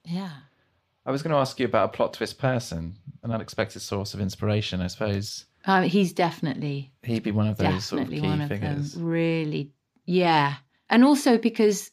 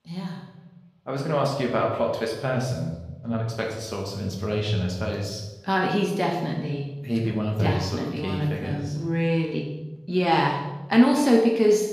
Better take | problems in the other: first | room echo; noticeable; dies away in 0.8 s // off-mic speech; somewhat distant

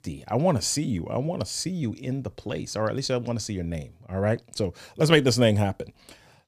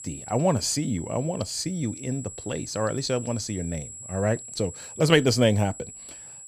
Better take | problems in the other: first | high-pitched whine; noticeable; throughout; 7.5 kHz, 15 dB below the speech

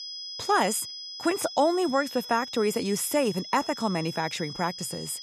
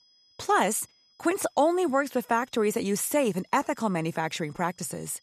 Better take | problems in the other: second | high-pitched whine; loud; throughout; 5 kHz, 10 dB below the speech; faint in the second

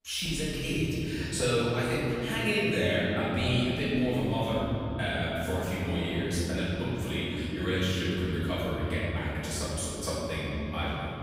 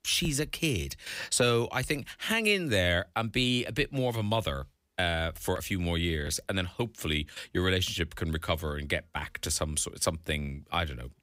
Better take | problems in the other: second | off-mic speech; far // room echo; strong; dies away in 3 s

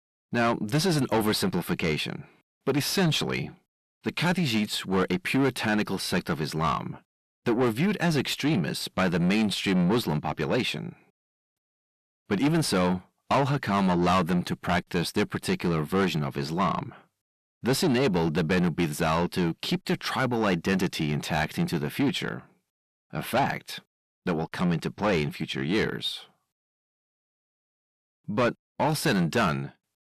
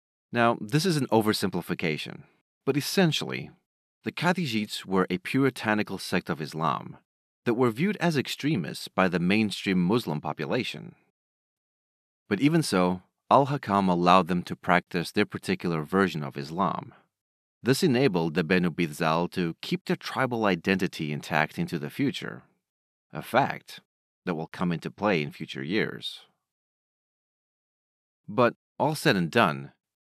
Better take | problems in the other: second | distortion; heavy; 7 dB below the speech

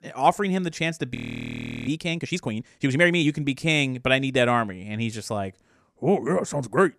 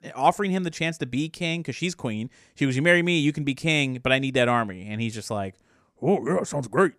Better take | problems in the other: second | audio freezing; at 1 s for 0.5 s

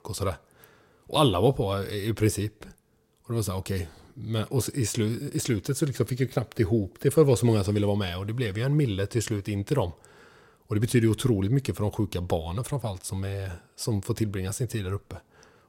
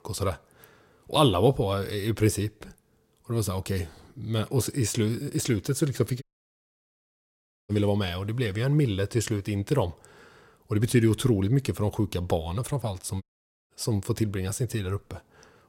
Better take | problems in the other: first | audio cutting out; at 6 s for 1.5 s and at 13 s

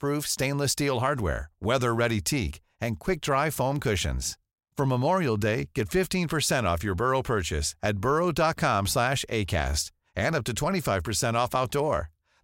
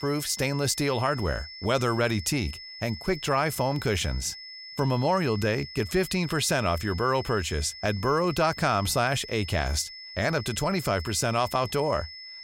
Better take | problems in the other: first | high-pitched whine; noticeable; throughout; 5 kHz, 15 dB below the speech

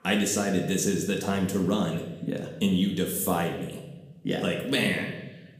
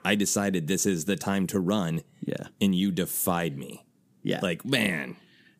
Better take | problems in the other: second | room echo; slight; dies away in 1 s // off-mic speech; somewhat distant

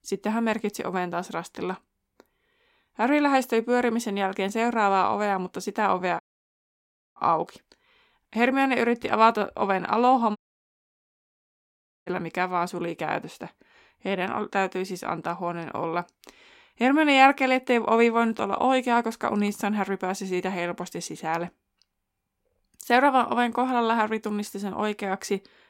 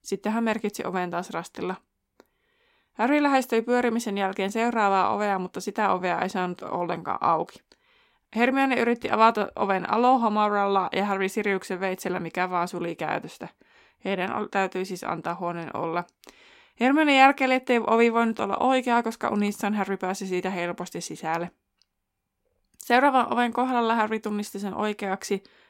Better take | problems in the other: second | audio cutting out; at 6 s for 1 s and at 10 s for 1.5 s

